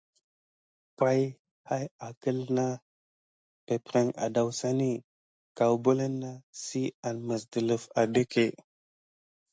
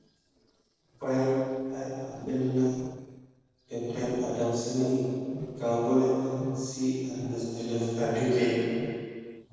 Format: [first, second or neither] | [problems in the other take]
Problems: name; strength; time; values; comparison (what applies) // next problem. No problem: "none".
first | noise reduction (neural separator model SepFormer DNS4)